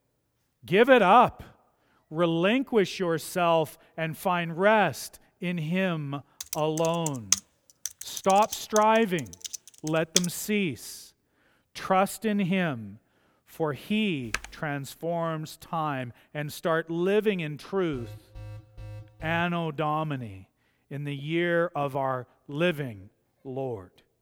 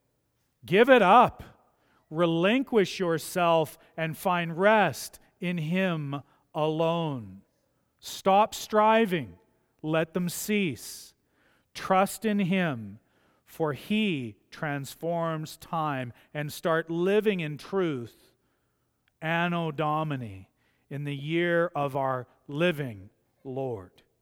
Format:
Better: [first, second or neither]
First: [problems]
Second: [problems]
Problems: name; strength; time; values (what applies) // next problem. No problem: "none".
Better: second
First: keyboard typing; loud; from 6.5 to 10 s; peak 1 dB above the speech // keyboard typing; noticeable; at 14 s; peak 8 dB below the speech // alarm; faint; from 18 to 19 s; peak 15 dB below the speech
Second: none